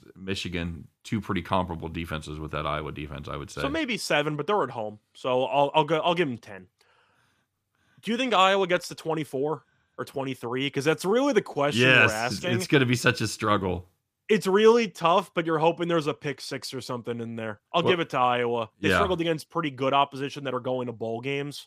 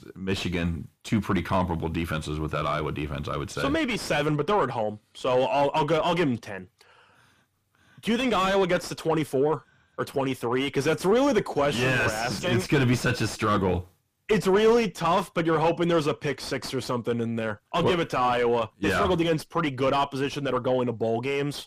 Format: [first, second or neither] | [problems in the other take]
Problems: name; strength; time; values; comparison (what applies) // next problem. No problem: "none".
first | distortion; heavy; 5 dB below the speech